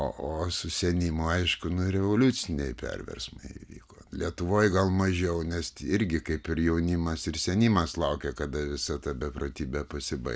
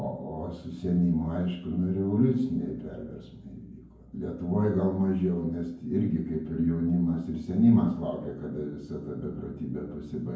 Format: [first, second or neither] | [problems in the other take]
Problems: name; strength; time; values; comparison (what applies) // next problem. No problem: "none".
first | room echo; dies away in 0.9 s